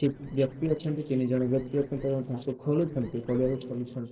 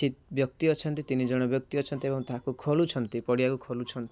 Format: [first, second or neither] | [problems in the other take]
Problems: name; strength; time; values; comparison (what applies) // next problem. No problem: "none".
second | noise reduction (neural separator model SepFormer DNS4)